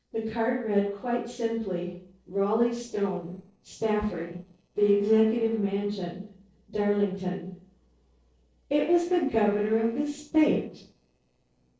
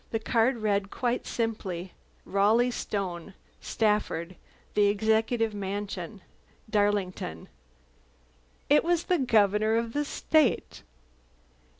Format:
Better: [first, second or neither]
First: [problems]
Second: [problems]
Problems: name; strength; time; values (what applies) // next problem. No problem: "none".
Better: second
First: noise reduction (neural separator model SepFormer DNS4)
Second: none